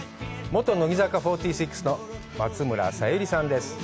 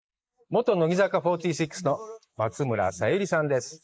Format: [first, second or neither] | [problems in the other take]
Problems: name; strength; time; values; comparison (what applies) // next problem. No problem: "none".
first | noise reduction (neural mask model Resemble Enhance denoiser)